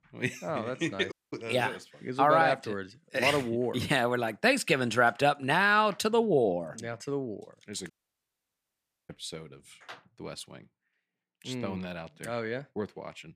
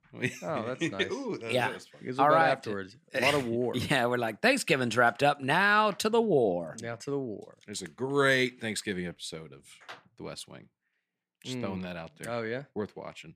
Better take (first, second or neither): second